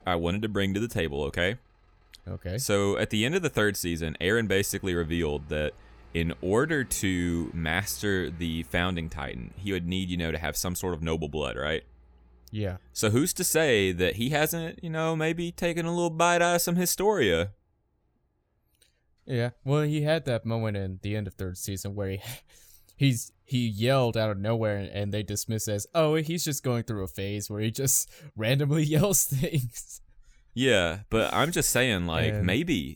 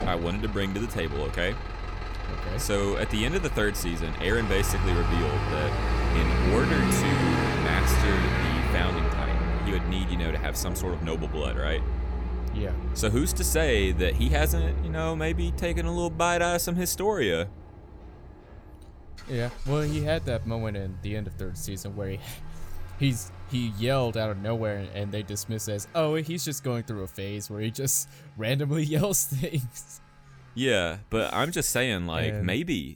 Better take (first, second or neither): first